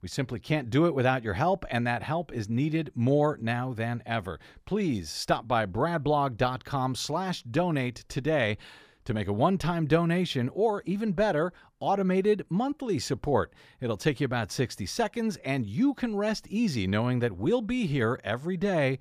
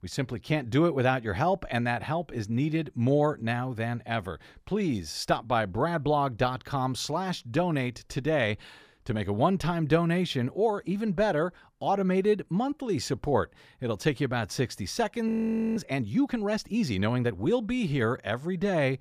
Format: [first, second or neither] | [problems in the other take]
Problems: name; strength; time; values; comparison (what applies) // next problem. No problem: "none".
first | audio freezing; at 15 s